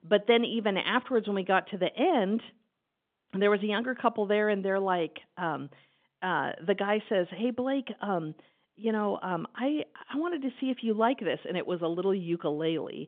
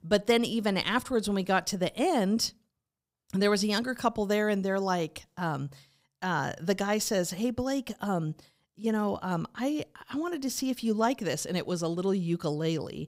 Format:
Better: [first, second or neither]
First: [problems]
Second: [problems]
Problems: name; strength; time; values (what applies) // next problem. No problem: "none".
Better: second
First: phone-call audio; nothing above 3.5 kHz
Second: none